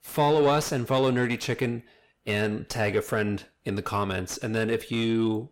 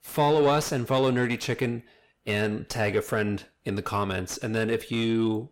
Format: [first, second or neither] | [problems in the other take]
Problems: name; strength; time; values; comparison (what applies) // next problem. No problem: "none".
neither | distortion; slight; 9 dB below the speech; the same in both